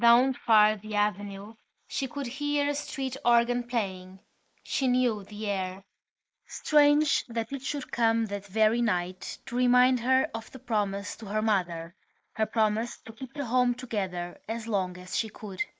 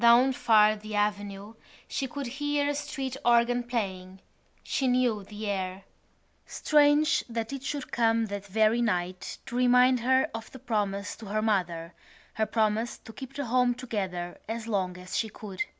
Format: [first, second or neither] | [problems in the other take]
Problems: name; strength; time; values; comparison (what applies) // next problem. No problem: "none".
second | noise reduction (neural mask model Resemble Enhance denoiser)